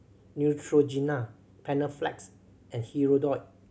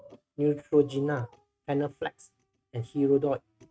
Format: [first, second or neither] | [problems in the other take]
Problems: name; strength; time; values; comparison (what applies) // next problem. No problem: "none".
first | noise reduction (neural mask model RNNoise)